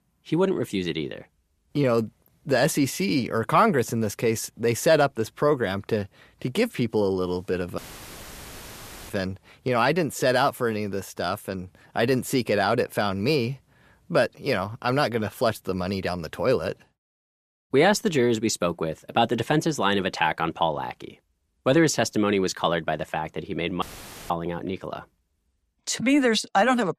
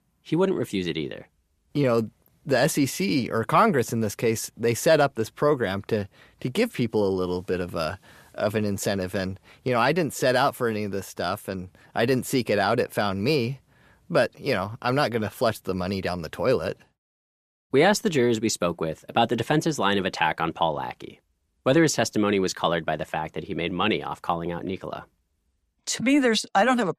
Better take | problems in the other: second | audio cutting out; filled with static; at 8 s for 1.5 s and at 24 s

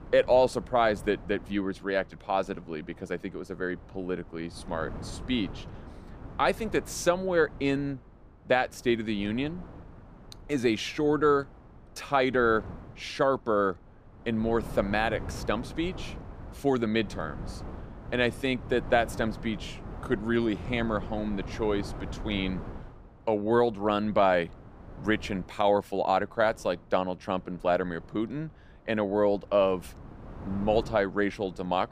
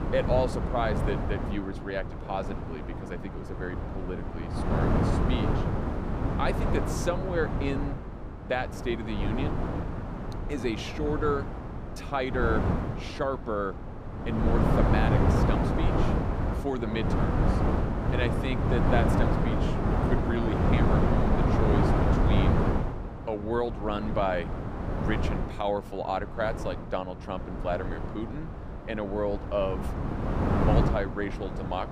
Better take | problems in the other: first | wind noise on the microphone; heavy; 1 dB below the speech; occasional gusts in the first

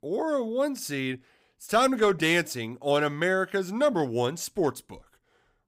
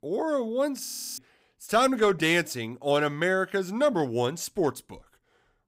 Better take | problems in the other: first | audio freezing; at 1 s

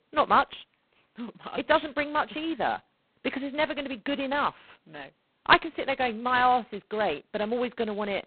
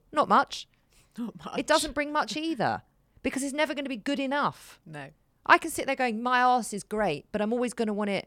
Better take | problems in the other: second | phone-call audio; poor line; nothing above 4 kHz

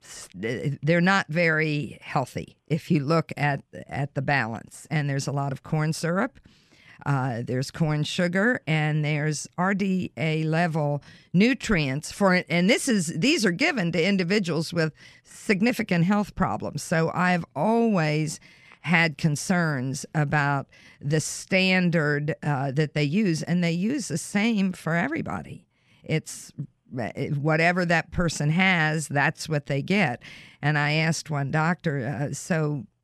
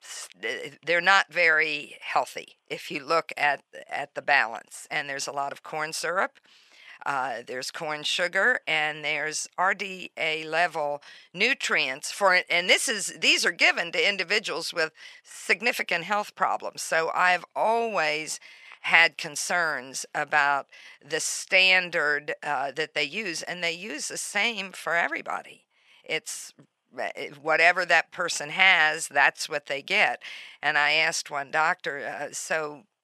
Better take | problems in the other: first | thin; very; fading below 750 Hz

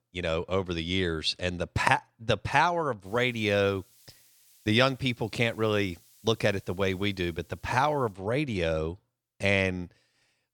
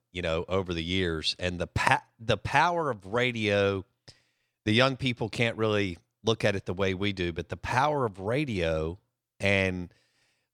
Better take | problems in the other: second | hiss; faint; from 3 to 8 s; 30 dB below the speech

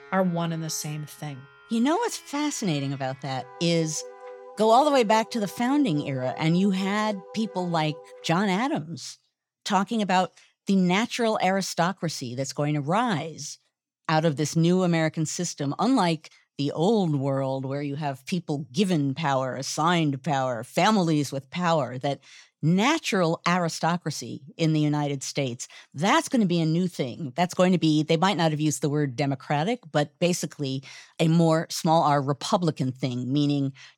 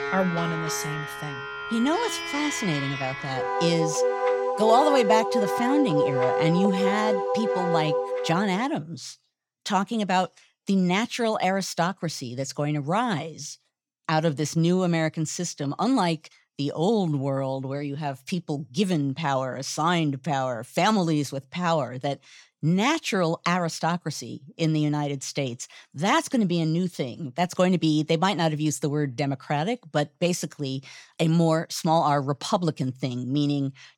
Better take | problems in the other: first | background music; loud; until 8 s; 1 dB below the speech; faint in the first

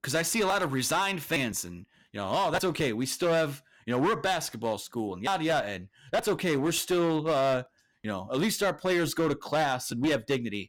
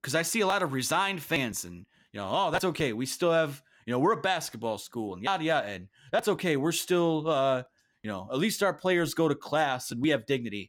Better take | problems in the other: second | distortion; slight; 10% of the sound clipped

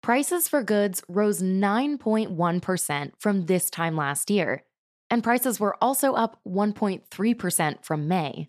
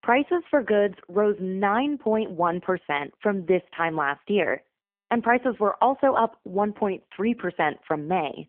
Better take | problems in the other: first | phone-call audio; poor line; nothing above 3.5 kHz

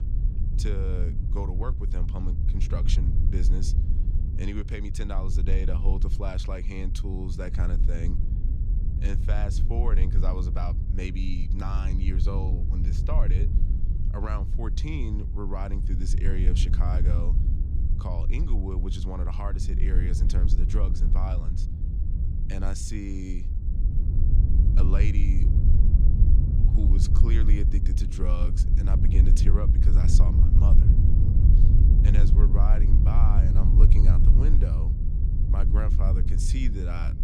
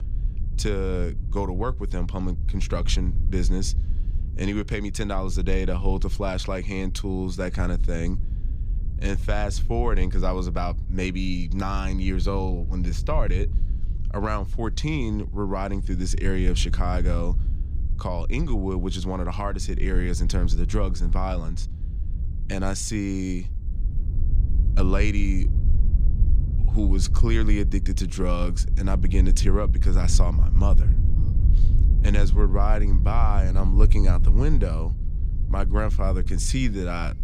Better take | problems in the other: second | wind noise on the microphone; heavy; 3 dB below the speech; occasional gusts in the second

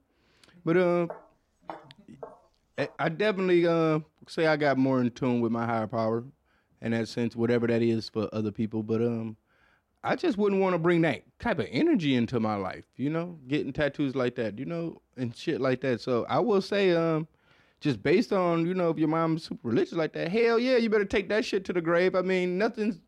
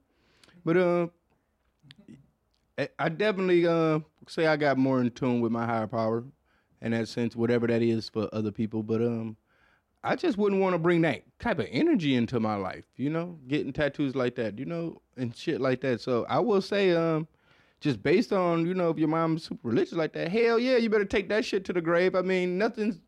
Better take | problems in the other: second | footsteps; faint; from 1 to 3 s; peak 15 dB below the speech

